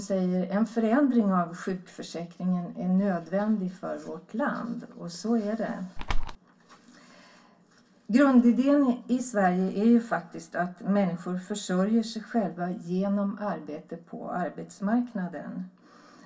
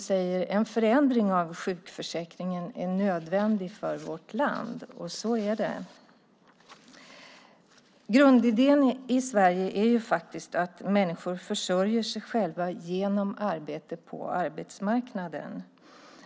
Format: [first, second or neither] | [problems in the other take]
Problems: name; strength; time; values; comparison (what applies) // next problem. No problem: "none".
second | background sound (Bird); 4 dB above the speech // room echo; dies away in 0.2 s